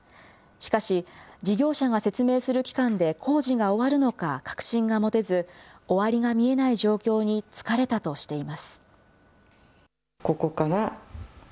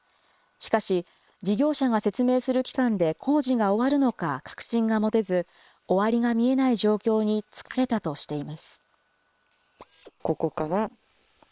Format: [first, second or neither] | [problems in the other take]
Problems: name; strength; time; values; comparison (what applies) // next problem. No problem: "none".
first | noise reduction (neural separator model SepFormer WHAM!)